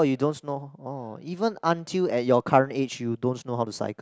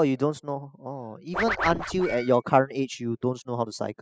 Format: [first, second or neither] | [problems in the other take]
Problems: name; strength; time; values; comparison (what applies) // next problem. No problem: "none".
first | noise reduction (classical method spectral subtraction)